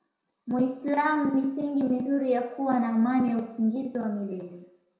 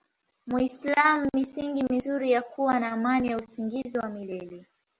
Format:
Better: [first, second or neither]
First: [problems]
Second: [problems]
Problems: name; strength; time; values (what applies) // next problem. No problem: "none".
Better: second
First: room echo; dies away in 0.6 s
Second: none